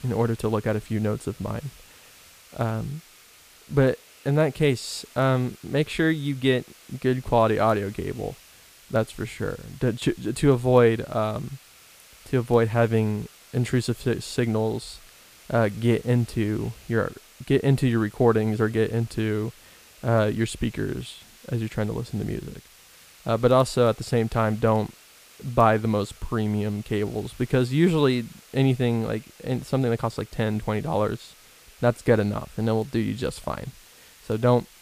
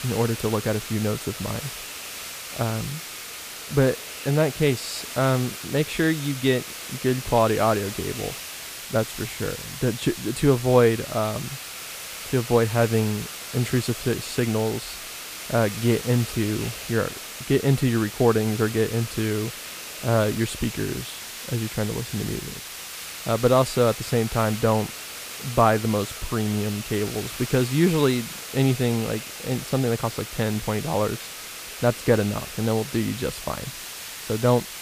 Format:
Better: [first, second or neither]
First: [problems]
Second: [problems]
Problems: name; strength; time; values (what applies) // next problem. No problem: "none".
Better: first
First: hiss; faint; throughout; 25 dB below the speech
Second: hiss; loud; throughout; 9 dB below the speech